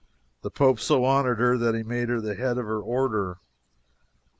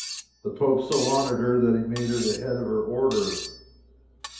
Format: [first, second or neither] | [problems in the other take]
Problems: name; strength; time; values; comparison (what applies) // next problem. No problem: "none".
first | background sound (Cutlery, silverware); 12 dB below the speech // room echo; dies away in 2.2 s